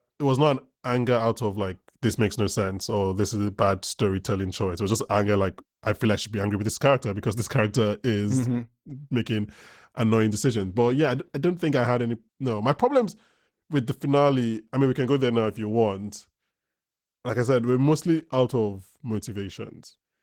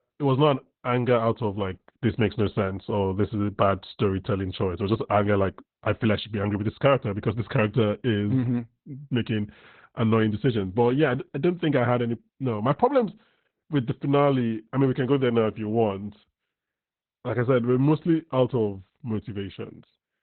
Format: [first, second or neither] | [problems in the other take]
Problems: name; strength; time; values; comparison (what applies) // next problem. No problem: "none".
first | garbled, watery; badly; nothing above 4 kHz; slightly in the first